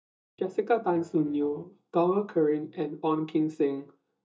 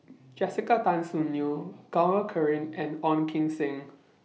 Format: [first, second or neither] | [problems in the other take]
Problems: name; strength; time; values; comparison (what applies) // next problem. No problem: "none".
second | noise reduction (neural mask model DeepFilterNet 3)